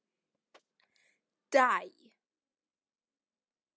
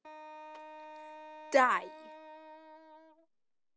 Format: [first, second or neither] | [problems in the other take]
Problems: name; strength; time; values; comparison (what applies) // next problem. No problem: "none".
first | background sound (Wind instrument, woodwind instrument); 14 dB below the speech